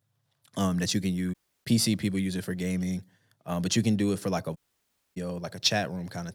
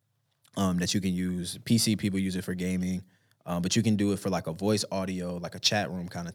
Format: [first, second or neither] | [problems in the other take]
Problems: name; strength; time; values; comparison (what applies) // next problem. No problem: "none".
second | audio cutting out; at 1.5 s and at 4.5 s for 0.5 s